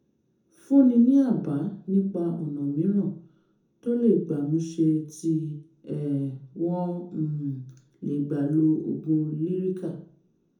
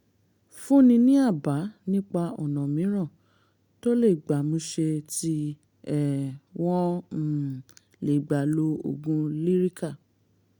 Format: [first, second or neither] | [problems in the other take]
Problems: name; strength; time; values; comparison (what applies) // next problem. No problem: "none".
second | room echo; dies away in 0.5 s